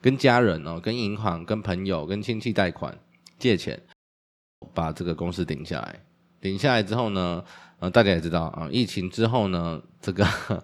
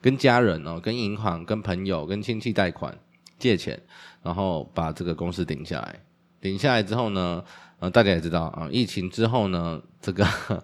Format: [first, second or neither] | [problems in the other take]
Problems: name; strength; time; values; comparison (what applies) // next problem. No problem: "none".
second | audio cutting out; at 4 s for 0.5 s